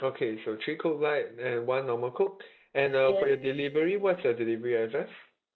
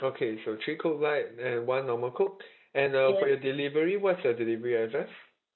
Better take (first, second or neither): second